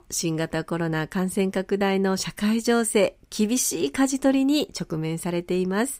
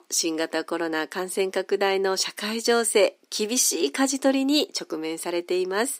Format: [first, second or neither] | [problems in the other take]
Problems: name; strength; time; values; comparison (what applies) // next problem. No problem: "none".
first | thin; very slightly; fading below 300 Hz